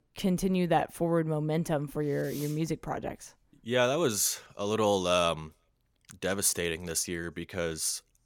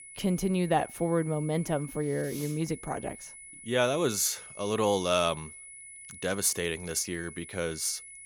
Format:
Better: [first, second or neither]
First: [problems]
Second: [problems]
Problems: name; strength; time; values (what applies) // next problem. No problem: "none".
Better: first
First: none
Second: high-pitched whine; noticeable; throughout; 10 kHz, 15 dB below the speech